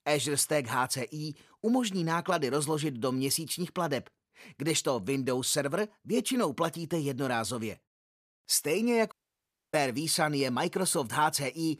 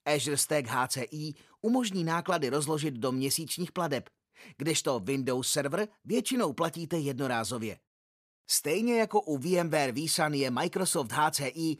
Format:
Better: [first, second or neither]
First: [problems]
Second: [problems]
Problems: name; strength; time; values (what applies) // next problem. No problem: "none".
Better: second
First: audio cutting out; at 9 s for 0.5 s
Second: none